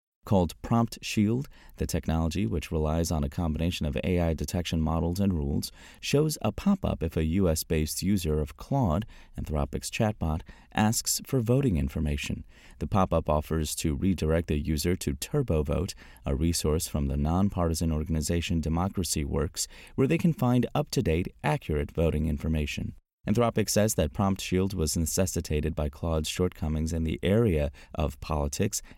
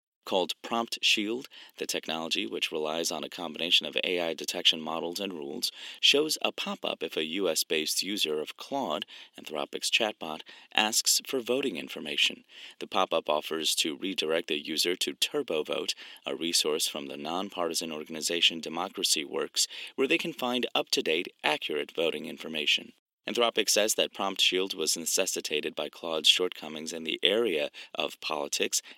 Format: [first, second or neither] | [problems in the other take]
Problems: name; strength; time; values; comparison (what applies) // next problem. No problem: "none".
first | thin; somewhat; fading below 300 Hz